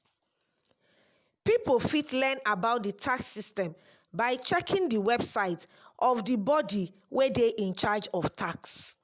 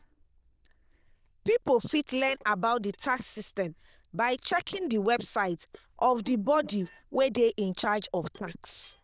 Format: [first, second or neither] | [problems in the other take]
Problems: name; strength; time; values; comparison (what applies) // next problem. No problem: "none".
first | noise reduction (neural diffusion model UNIVERSE++)